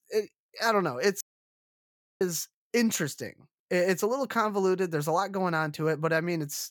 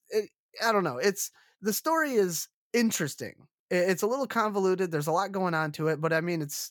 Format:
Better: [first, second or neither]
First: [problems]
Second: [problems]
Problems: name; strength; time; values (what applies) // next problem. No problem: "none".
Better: second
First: audio cutting out; at 1 s for 1 s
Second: none